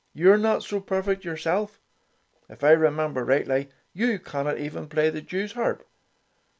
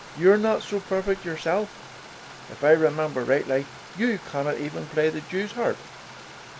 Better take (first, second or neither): first